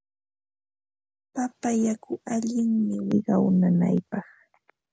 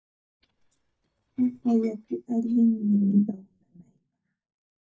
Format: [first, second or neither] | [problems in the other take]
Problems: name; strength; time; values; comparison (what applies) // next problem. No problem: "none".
first | noise reduction (neural mask model DeepFilterNet 3)